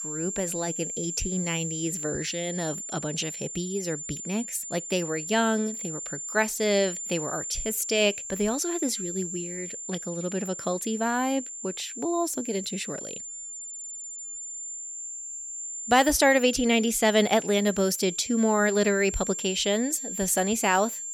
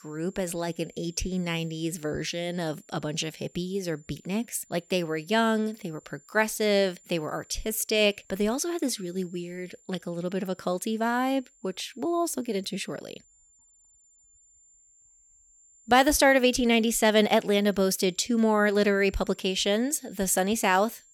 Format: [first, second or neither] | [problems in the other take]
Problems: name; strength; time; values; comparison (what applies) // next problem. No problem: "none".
second | high-pitched whine; loud; throughout; 7 kHz, 7 dB below the speech; faint in the second